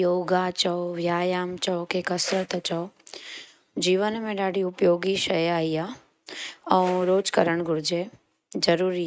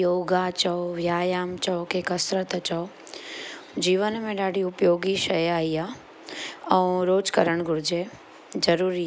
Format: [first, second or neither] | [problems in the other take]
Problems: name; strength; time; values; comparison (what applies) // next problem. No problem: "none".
second | noise reduction (neural mask model RNNoise)